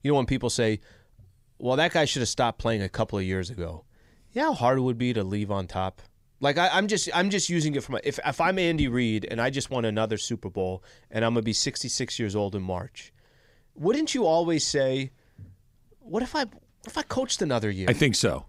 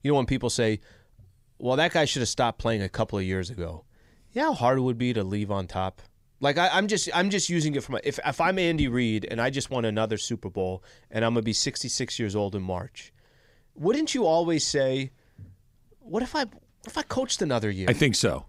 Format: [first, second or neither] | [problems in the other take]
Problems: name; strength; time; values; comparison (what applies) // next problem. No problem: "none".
neither | none